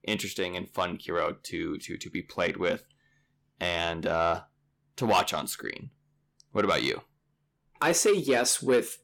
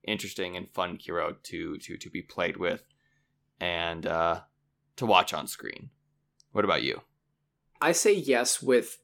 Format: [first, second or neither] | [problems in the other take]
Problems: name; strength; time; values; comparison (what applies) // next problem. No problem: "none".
second | distortion; slight; 10 dB below the speech